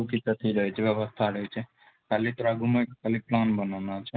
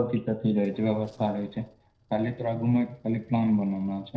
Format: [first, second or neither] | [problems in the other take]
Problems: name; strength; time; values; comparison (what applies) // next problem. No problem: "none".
first | noise reduction (neural separator model SepFormer DNS4)